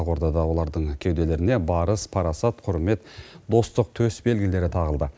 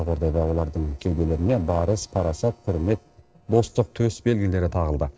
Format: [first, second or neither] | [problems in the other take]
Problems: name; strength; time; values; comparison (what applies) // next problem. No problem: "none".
first | noise reduction (neural separator model SepFormer DNS4)